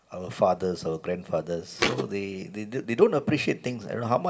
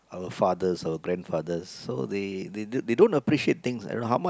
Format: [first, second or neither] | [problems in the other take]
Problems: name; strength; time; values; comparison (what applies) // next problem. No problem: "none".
second | background sound (Thump, thud); 1 dB below the speech // room echo; dies away in 1.6 s